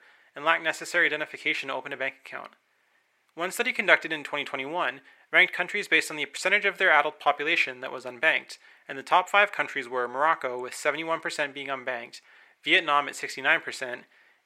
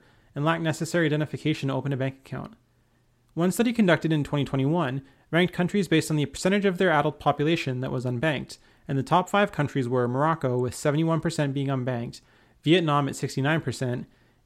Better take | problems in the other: second | thin; very; fading below 600 Hz

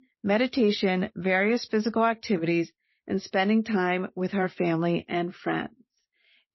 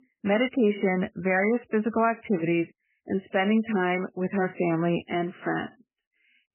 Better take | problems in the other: first | garbled, watery; badly; nothing above 3 kHz; slightly in the first

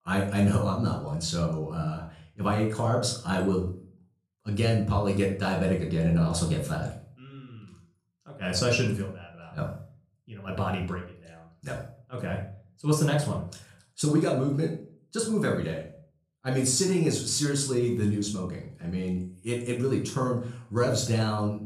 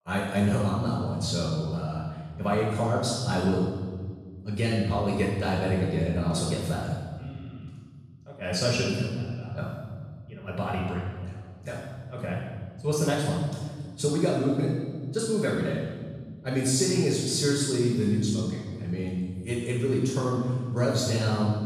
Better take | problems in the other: first | room echo; strong; dies away in 1.8 s; slight in the first // off-mic speech; far; somewhat distant in the first

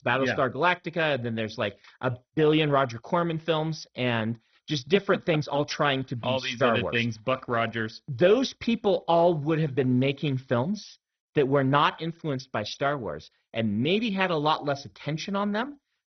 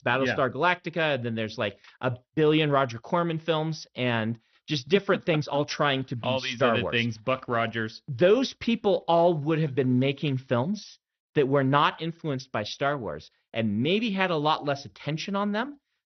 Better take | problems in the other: second | garbled, watery; badly; nothing above 6 kHz; slightly in the second

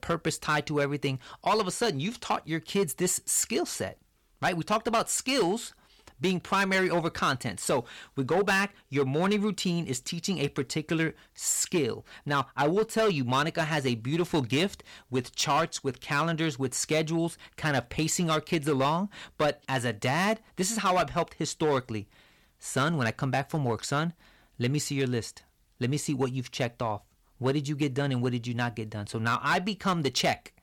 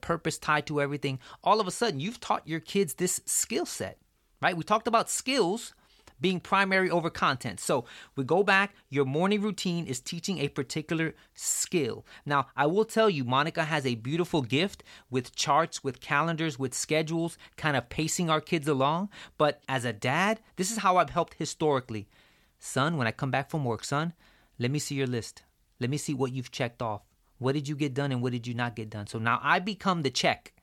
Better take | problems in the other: second | distortion; slight; 5% of the sound clipped

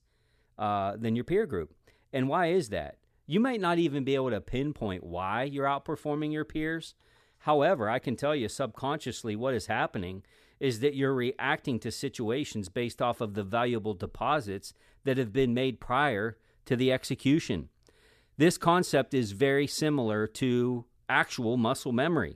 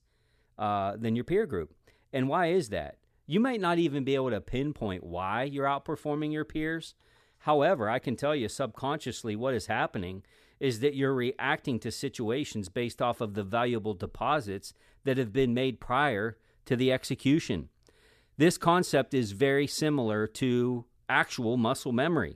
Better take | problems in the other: neither | none

